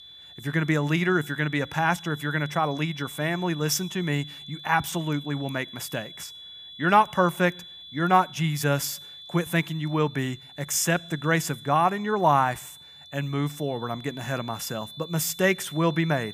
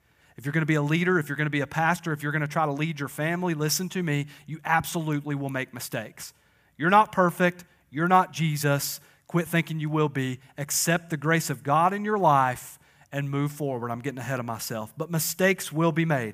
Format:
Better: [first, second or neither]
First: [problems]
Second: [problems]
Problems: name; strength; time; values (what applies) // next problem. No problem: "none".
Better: second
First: high-pitched whine; noticeable; throughout; 3.5 kHz, 15 dB below the speech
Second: none